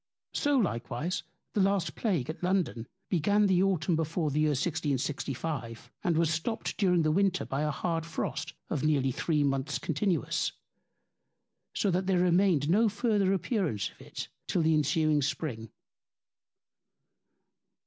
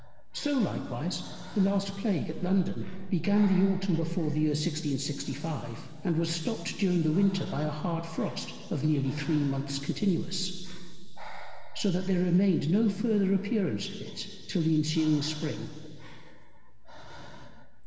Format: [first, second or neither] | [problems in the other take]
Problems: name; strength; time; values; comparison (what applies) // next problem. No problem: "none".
first | background sound (Breathing); 9 dB below the speech // room echo; dies away in 2.5 s